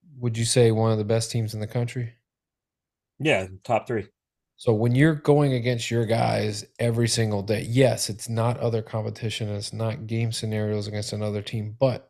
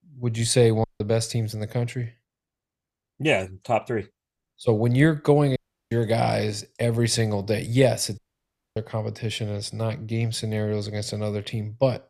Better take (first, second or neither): first